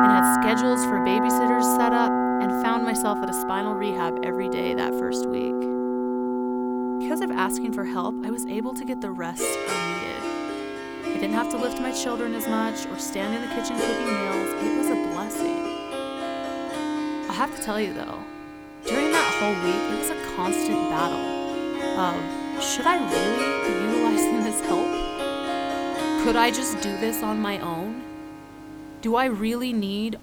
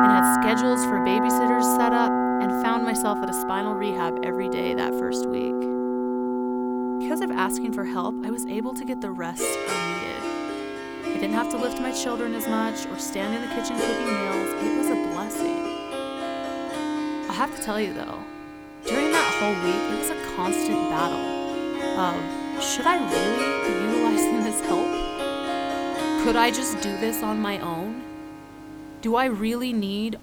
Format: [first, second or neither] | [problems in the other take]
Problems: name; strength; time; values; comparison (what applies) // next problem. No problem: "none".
neither | background music; very loud; throughout; 2 dB above the speech; the same in both